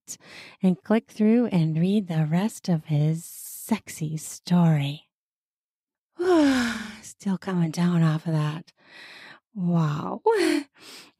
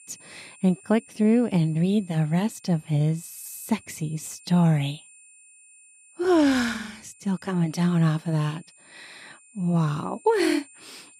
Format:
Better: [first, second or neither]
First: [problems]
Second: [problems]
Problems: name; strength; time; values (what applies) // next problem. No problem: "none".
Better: first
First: none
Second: high-pitched whine; faint; throughout; 9 kHz, 25 dB below the speech